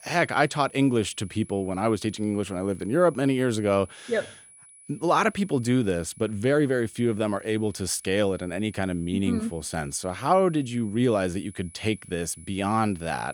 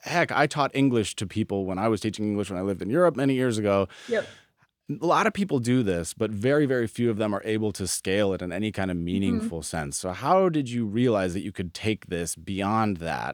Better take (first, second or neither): second